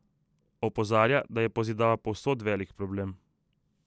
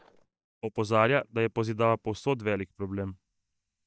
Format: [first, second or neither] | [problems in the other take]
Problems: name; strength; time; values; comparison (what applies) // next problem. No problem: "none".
first | noise reduction (neural mask model DeepFilterNet 3)